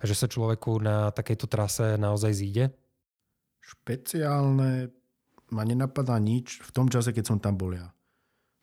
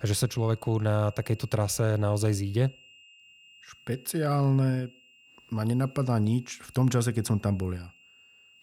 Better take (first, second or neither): first